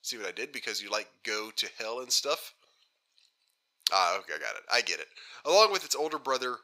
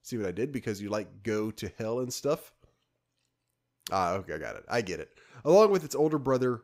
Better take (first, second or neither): second